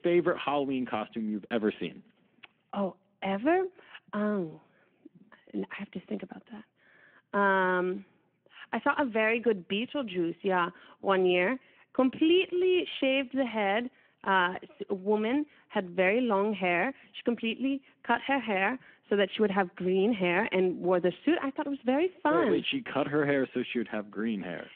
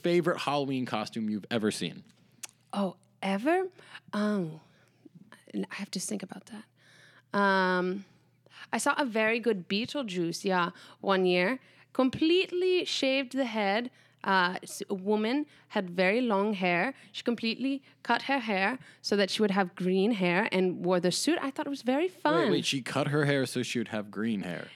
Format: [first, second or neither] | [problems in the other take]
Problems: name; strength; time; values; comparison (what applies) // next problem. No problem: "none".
second | phone-call audio